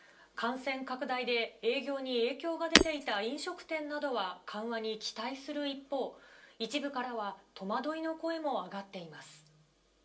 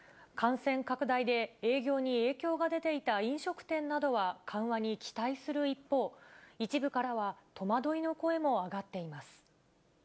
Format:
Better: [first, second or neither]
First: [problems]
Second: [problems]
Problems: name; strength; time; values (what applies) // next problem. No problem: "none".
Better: second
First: background sound (Shatter); 5 dB above the speech // room echo; dies away in 0.2 s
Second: none